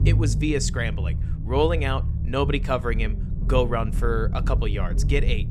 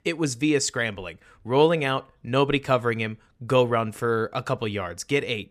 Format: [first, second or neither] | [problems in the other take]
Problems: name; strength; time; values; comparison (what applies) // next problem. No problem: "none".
second | low rumble; noticeable; throughout; 15 dB below the speech